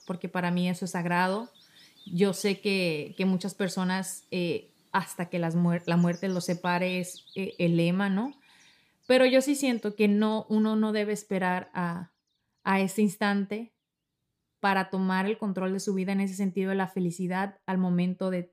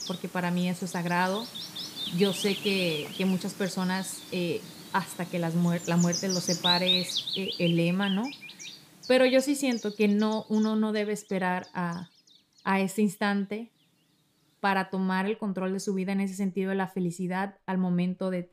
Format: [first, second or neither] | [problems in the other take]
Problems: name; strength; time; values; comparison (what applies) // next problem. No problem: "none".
first | animal sounds; loud; throughout; 5 dB below the speech; faint in the first